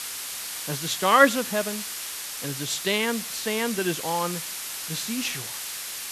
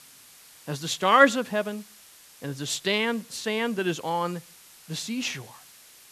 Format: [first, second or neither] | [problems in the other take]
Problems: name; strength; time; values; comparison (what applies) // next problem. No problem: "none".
second | hiss; loud; throughout; 6 dB below the speech; faint in the second